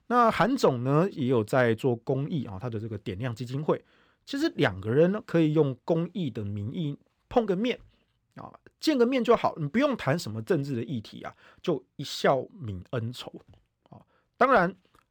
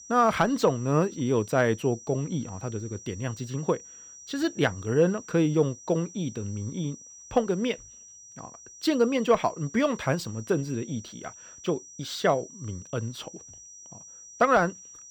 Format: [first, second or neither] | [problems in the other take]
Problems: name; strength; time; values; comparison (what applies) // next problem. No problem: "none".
first | high-pitched whine; noticeable; throughout; 6 kHz, 20 dB below the speech